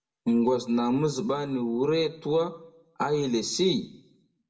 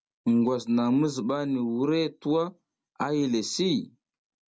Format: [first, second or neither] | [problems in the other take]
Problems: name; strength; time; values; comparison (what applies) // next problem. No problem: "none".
second | room echo; dies away in 0.5 s